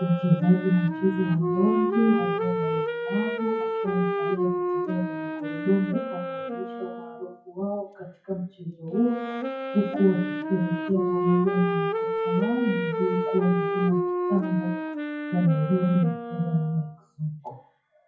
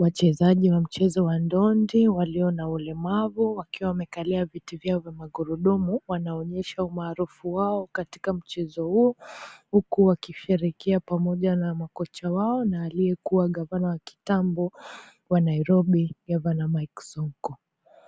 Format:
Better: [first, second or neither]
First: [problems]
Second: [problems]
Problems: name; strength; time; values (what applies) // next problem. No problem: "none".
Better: second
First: noise reduction (classical method WPE with log-MMSE)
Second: none